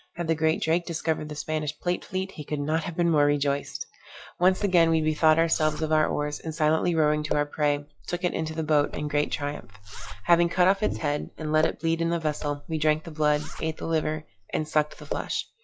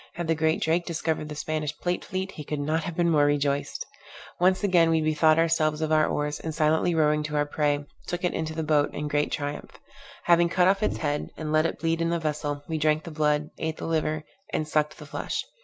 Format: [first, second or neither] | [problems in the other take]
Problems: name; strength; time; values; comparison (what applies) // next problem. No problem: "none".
second | noise reduction (classical method log-MMSE)